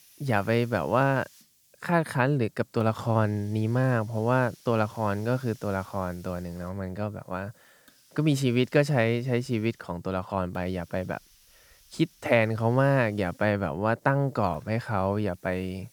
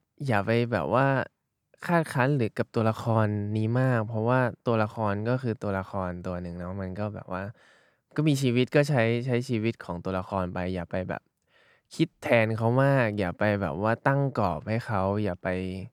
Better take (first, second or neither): second